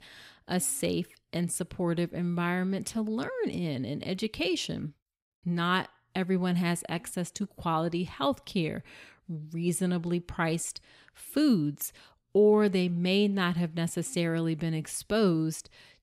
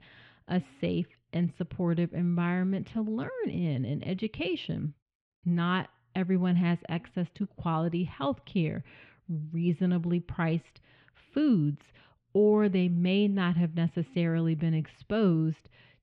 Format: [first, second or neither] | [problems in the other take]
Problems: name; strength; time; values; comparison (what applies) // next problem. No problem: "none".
first | muffled; very; fading above 3 kHz